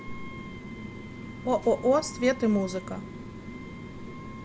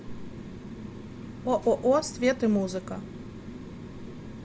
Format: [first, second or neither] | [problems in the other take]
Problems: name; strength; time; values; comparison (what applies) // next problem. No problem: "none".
second | background sound (Wind instrument, woodwind instrument); 19 dB below the speech